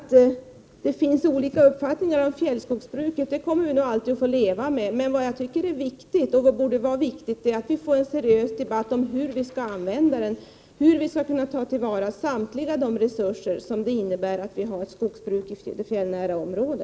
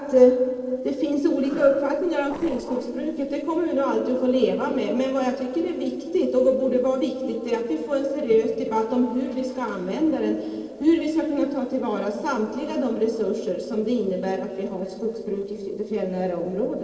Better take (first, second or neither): first